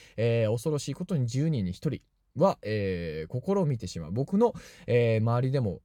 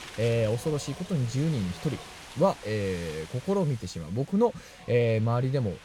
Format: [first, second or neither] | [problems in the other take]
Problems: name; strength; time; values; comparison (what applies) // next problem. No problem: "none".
first | wind noise on the microphone; occasional gusts; 15 dB below the speech